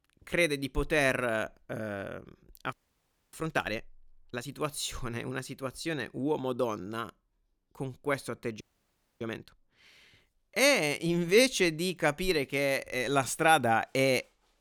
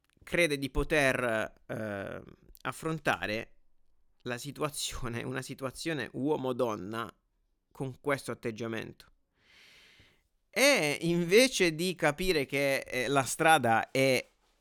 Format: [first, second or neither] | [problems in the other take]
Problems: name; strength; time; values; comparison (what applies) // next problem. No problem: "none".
second | audio freezing; at 2.5 s for 0.5 s and at 8.5 s for 0.5 s